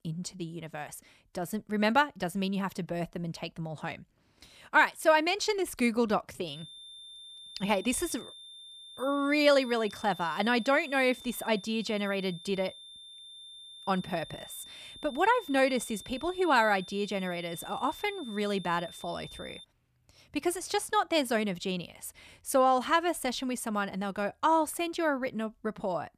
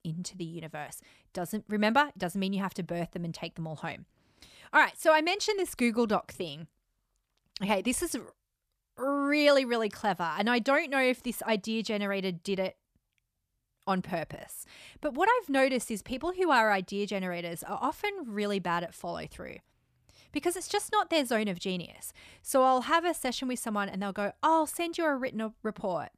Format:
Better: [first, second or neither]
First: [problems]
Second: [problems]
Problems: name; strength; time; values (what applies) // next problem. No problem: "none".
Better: second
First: high-pitched whine; noticeable; from 6.5 to 20 s; 3.5 kHz, 15 dB below the speech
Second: none